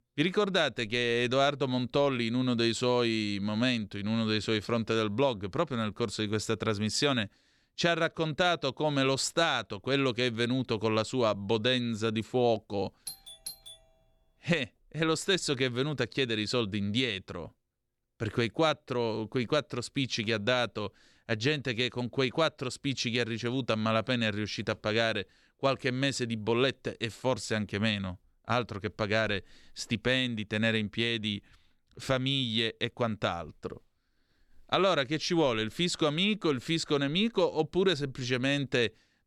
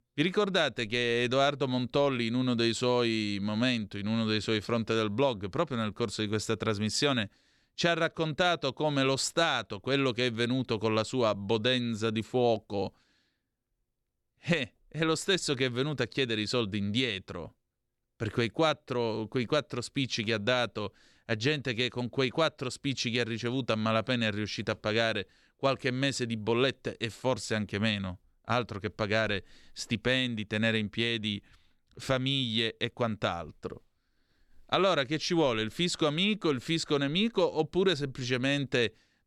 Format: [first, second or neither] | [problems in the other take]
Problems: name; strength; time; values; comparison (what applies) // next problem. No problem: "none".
second | doorbell; faint; at 13 s; peak 10 dB below the speech